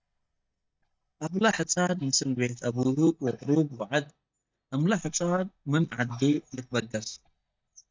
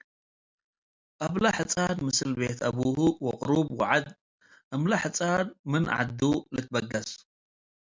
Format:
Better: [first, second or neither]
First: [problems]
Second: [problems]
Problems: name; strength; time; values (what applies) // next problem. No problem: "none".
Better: second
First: noise reduction (neural mask model DeepFilterNet 3)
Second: none